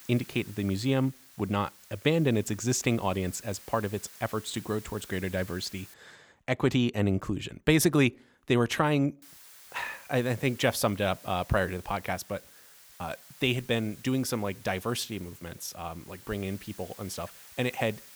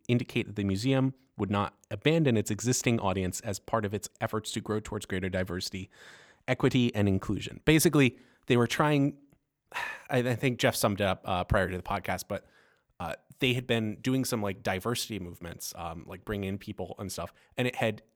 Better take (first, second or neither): second